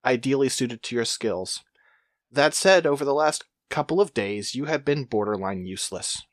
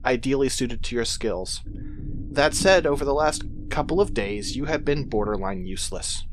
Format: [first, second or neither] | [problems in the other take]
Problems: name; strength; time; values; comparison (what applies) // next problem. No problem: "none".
first | low rumble; noticeable; throughout; 20 dB below the speech